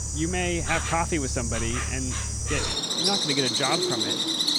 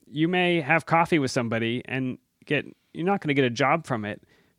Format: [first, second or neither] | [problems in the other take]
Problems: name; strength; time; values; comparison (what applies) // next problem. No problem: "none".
second | animal sounds; very loud; throughout; 4 dB above the speech